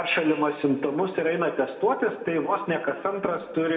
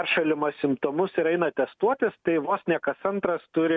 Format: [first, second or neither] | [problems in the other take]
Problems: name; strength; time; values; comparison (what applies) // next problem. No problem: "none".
second | room echo; dies away in 1.3 s